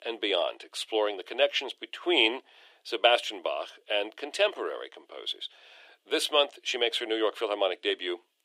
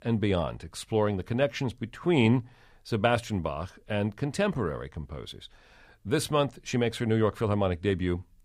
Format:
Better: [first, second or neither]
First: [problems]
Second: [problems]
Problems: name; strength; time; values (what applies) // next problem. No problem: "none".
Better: second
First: thin; very; fading below 350 Hz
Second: none